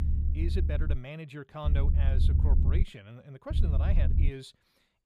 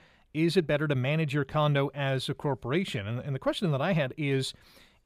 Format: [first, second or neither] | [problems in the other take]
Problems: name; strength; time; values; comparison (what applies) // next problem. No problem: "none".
second | low rumble; loud; at the start, from 1.5 to 3 s and at 3.5 s; 3 dB below the speech